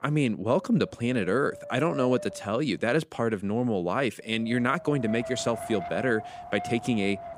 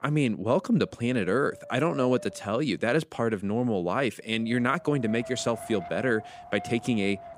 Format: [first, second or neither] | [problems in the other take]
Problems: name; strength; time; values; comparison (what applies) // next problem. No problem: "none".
second | wind noise on the microphone; heavy; until 3 s and from 4 s on; 10 dB below the speech; occasional gusts in the second